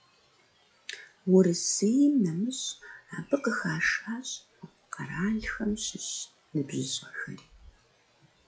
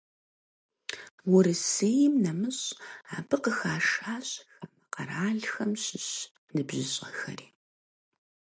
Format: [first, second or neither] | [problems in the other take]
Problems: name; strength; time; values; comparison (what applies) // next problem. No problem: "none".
second | noise reduction (classical method log-MMSE)